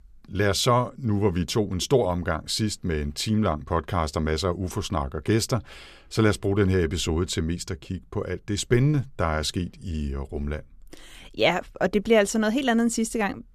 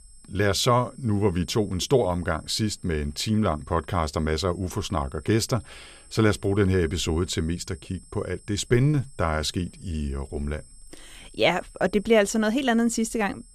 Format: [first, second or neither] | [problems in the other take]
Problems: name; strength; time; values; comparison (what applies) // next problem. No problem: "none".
first | high-pitched whine; faint; throughout; 8 kHz, 25 dB below the speech